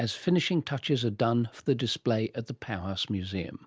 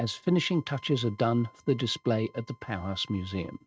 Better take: first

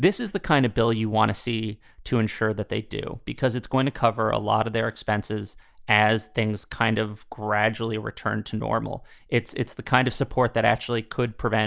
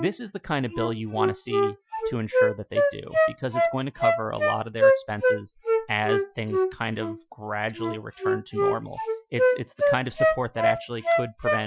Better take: first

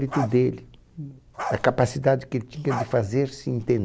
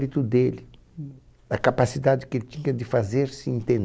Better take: second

